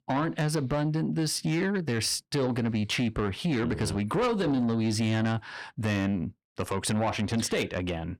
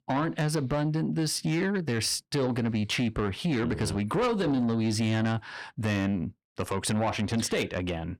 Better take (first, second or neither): neither